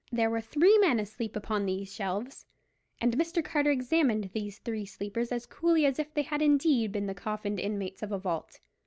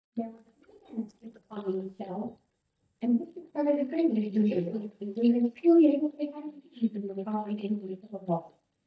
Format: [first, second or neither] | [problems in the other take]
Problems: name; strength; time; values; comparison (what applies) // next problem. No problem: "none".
first | noise reduction (neural mask model DeepFilterNet 3)